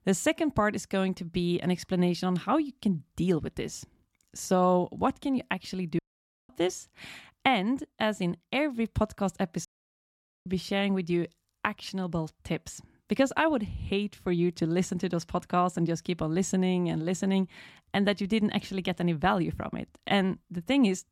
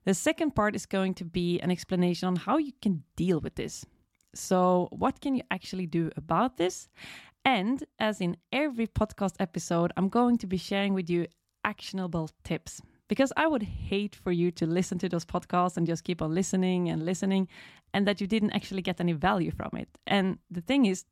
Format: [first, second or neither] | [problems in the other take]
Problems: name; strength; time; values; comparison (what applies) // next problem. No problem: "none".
second | audio cutting out; at 6 s for 0.5 s and at 9.5 s for 1 s